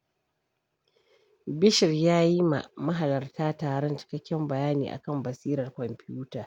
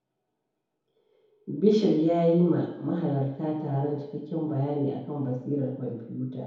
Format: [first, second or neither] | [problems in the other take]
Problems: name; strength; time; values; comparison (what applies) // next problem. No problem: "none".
first | room echo; dies away in 1.9 s